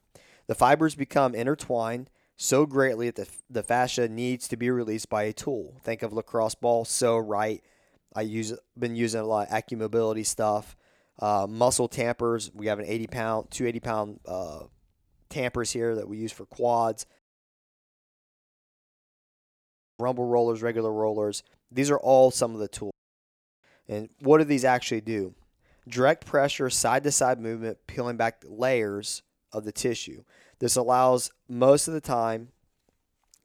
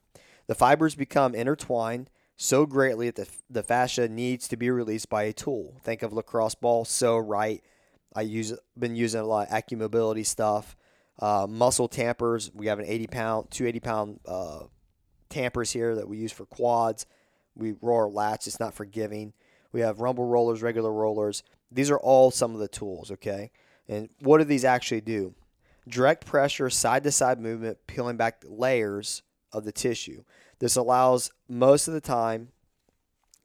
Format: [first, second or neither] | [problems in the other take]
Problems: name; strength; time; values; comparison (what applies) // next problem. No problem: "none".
second | audio cutting out; at 17 s for 3 s and at 23 s for 0.5 s